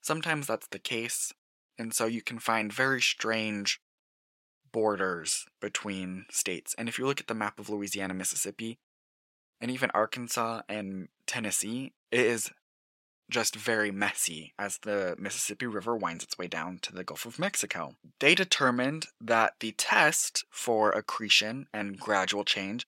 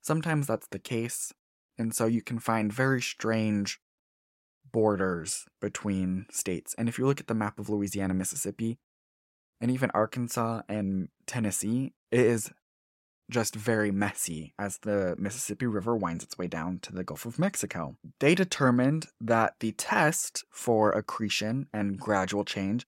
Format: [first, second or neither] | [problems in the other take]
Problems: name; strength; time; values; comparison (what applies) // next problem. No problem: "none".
second | thin; very slightly; fading below 900 Hz